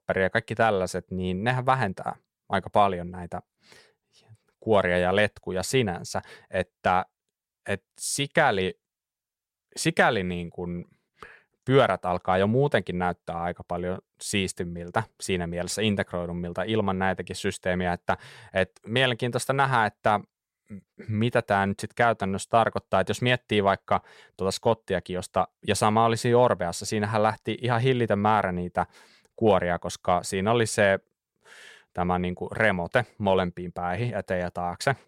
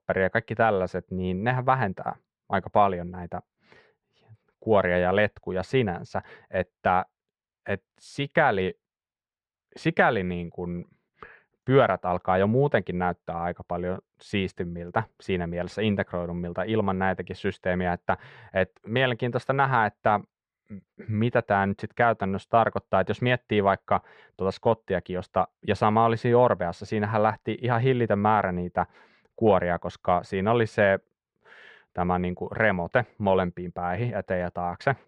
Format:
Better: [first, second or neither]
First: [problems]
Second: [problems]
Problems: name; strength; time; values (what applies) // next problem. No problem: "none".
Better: first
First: none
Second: muffled; slightly; fading above 2.5 kHz